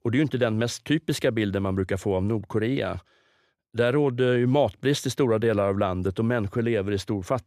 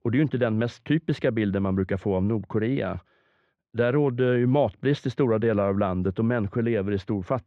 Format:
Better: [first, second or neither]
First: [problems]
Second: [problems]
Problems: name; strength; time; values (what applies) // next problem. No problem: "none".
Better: first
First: none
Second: muffled; slightly; fading above 2.5 kHz